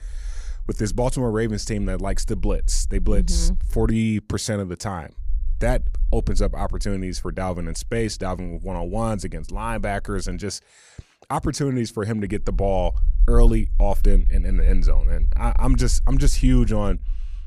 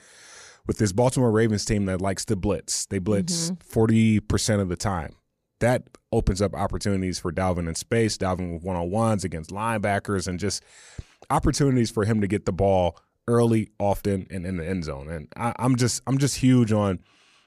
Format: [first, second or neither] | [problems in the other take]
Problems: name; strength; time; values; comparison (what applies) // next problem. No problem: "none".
second | low rumble; faint; until 4 s, from 5 to 10 s and from 12 s on; 25 dB below the speech